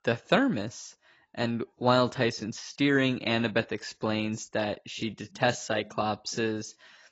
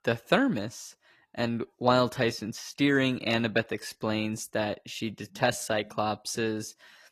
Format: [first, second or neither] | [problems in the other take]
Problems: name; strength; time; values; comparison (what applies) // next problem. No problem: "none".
second | garbled, watery; badly; nothing above 7.5 kHz; slightly in the second